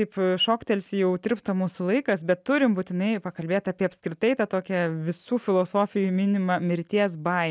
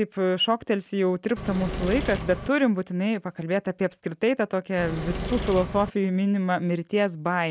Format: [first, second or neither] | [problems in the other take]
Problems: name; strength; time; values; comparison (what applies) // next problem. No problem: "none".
first | background sound (Engine / Mechanisms); 6 dB below the speech